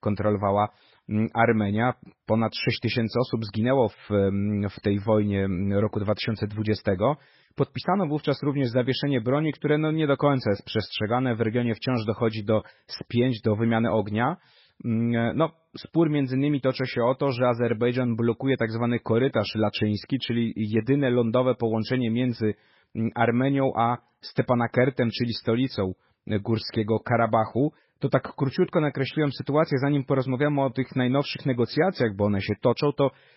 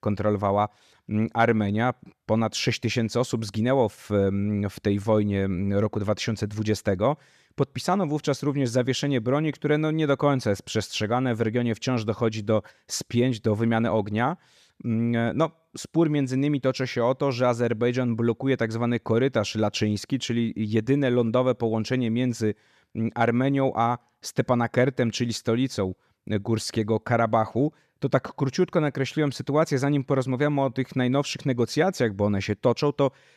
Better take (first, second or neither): second